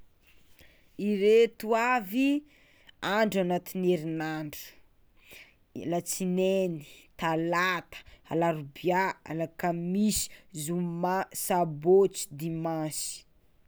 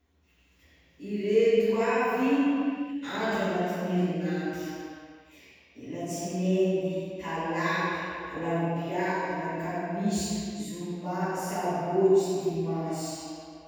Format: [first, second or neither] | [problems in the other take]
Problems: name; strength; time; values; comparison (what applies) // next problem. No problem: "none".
first | room echo; dies away in 2.1 s